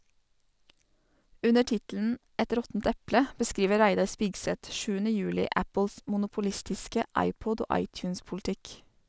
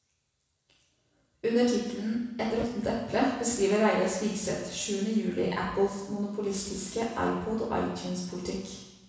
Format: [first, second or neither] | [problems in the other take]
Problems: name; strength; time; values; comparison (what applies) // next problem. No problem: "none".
first | background sound (Whoosh, swoosh, swish); 10 dB below the speech // room echo; dies away in 1 s